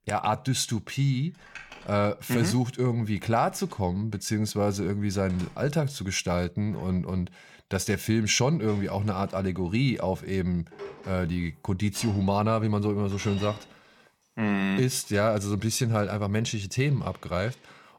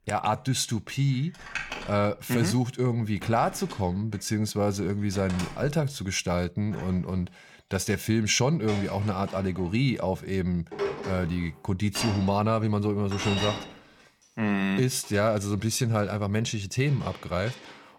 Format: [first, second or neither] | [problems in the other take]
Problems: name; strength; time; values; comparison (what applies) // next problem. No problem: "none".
first | household noises; loud; throughout; 10 dB below the speech; faint in the first